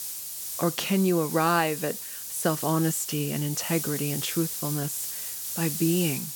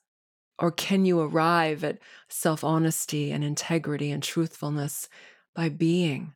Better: second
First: hiss; loud; throughout; 4 dB below the speech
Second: none

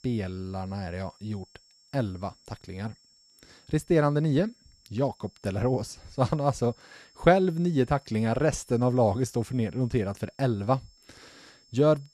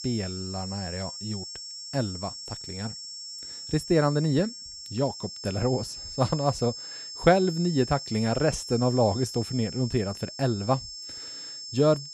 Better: first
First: high-pitched whine; faint; throughout; 5.5 kHz, 30 dB below the speech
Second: high-pitched whine; loud; throughout; 5.5 kHz, 9 dB below the speech

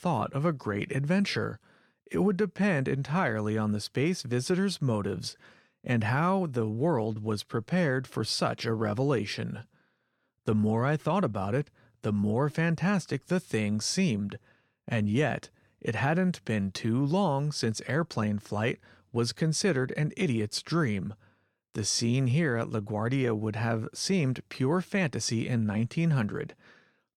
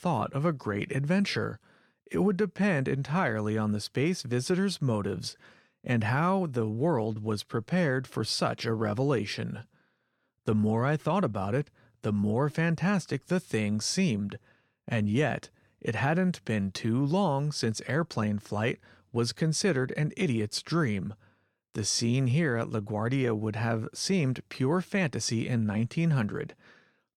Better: neither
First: none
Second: none

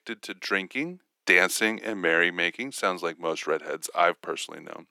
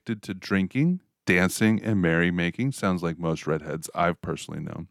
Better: second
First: thin; very; fading below 400 Hz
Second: none

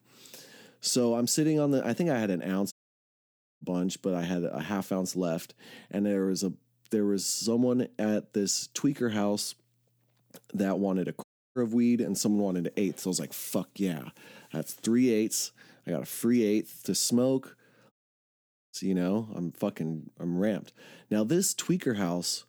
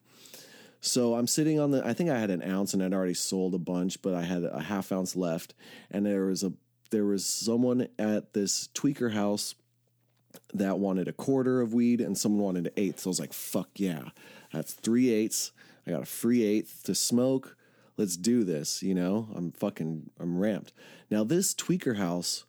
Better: second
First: audio cutting out; at 2.5 s for 1 s, at 11 s and at 18 s for 1 s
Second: none

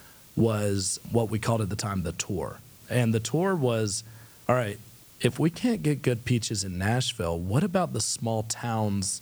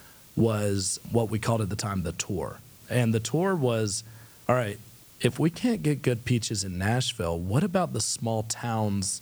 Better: neither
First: hiss; faint; throughout; 25 dB below the speech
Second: hiss; faint; throughout; 25 dB below the speech

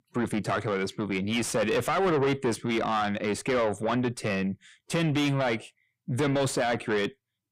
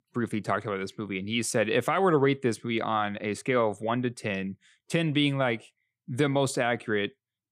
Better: second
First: distortion; heavy; 7 dB below the speech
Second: none

